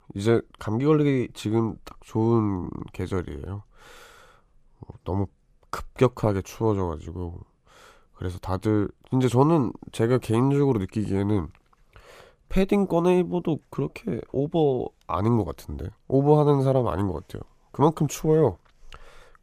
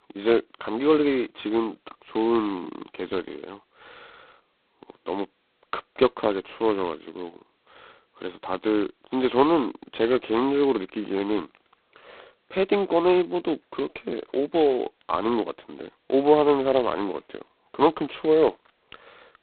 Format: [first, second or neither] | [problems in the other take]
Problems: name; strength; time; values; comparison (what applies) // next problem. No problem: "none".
first | phone-call audio; poor line; nothing above 4 kHz